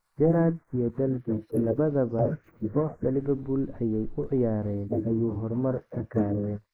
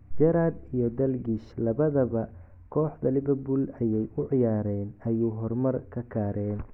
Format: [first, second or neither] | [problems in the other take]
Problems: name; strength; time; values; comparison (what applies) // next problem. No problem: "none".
second | noise reduction (neural mask model Resemble Enhance denoiser)